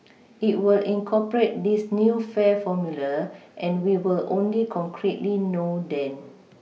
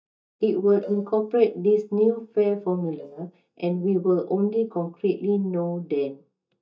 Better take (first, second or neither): first